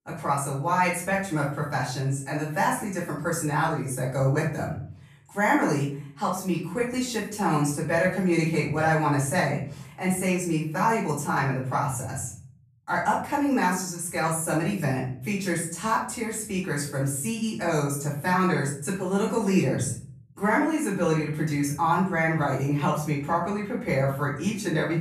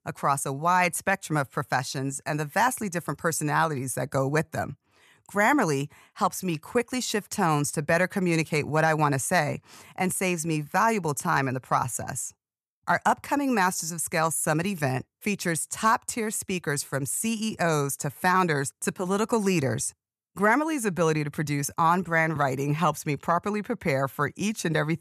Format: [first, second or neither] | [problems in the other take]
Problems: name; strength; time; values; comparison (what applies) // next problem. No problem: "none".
second | room echo; noticeable; dies away in 0.6 s // off-mic speech; far